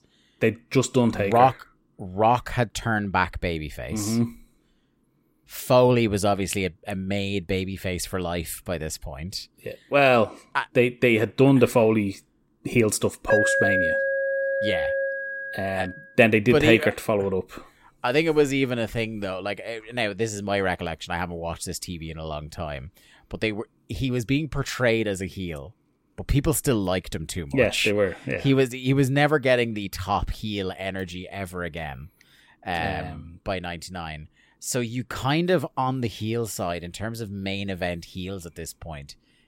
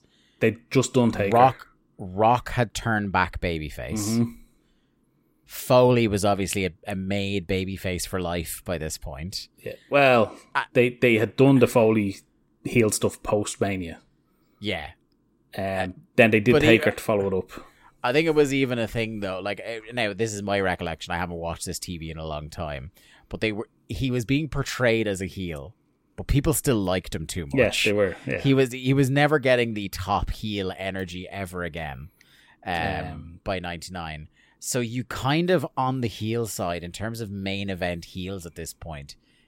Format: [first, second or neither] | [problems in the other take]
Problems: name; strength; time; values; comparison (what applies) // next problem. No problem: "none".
second | alarm; loud; from 13 to 16 s; peak 4 dB above the speech